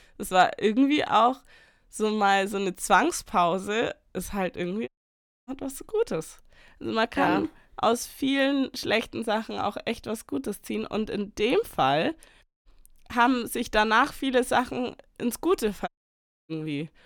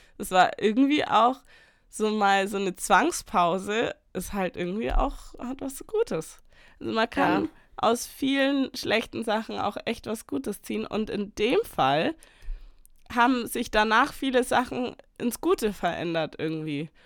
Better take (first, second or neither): second